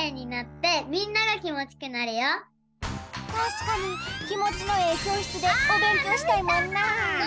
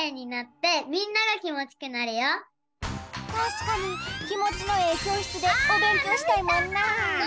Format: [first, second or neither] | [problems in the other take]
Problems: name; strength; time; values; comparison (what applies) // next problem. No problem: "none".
second | background sound (Bowed string instrument); 19 dB below the speech